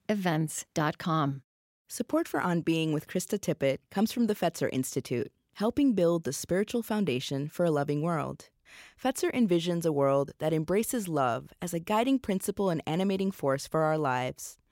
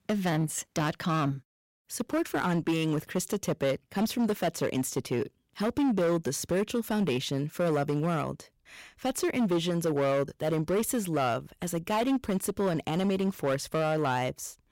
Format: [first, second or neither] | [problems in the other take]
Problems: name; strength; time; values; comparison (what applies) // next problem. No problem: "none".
first | distortion; slight; 12% of the sound clipped